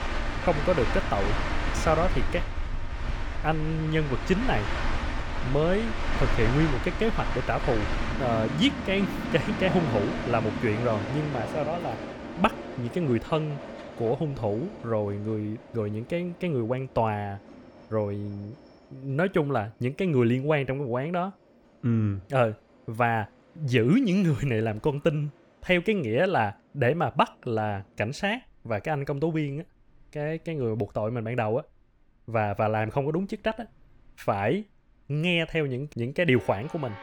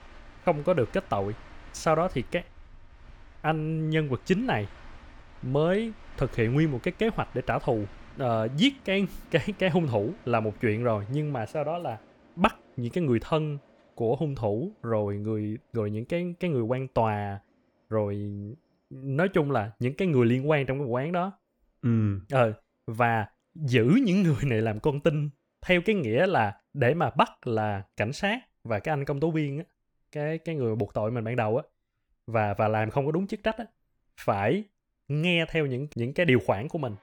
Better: second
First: train or aircraft noise; loud; throughout; 5 dB below the speech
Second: train or aircraft noise; faint; throughout; 25 dB below the speech

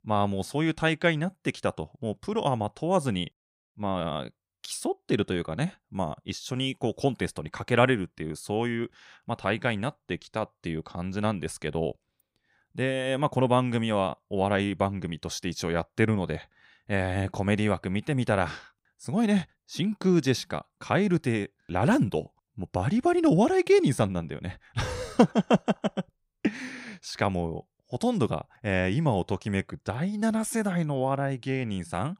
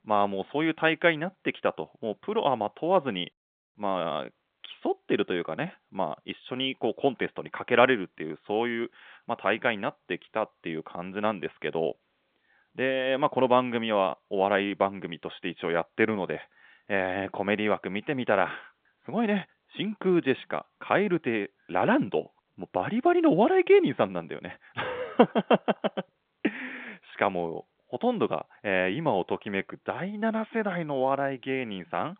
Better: first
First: none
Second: phone-call audio; nothing above 3.5 kHz

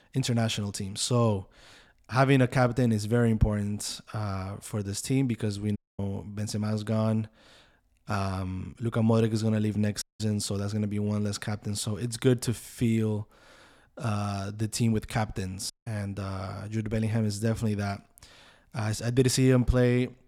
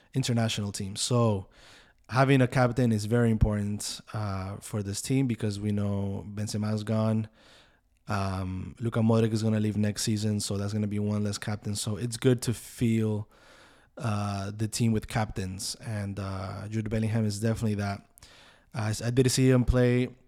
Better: second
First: audio cutting out; at 6 s, at 10 s and at 16 s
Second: none

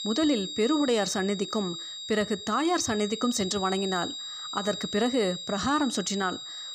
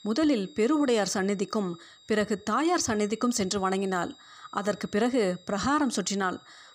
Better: second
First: high-pitched whine; loud; throughout; 4 kHz, 7 dB below the speech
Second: high-pitched whine; faint; throughout; 4 kHz, 25 dB below the speech

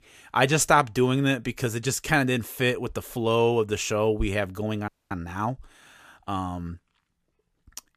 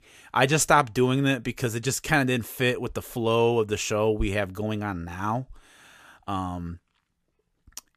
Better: second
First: audio freezing; at 5 s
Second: none

